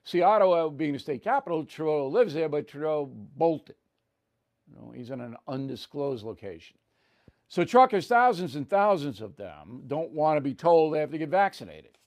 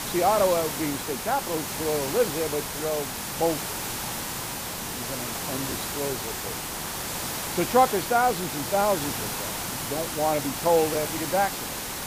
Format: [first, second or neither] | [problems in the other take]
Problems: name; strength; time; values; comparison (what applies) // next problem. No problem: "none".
first | hiss; loud; throughout; 3 dB below the speech